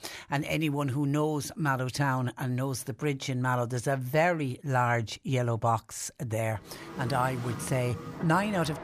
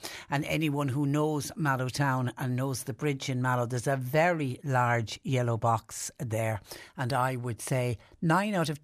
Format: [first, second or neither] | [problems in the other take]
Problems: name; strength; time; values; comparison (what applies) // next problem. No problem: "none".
second | traffic noise; noticeable; from 7 s on; 10 dB below the speech